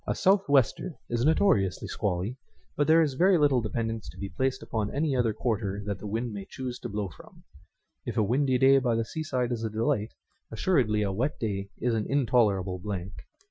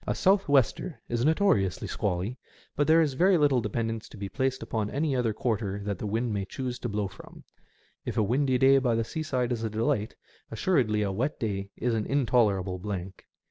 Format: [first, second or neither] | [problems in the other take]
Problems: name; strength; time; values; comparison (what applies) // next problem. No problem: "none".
second | noise reduction (classical method Wiener filter)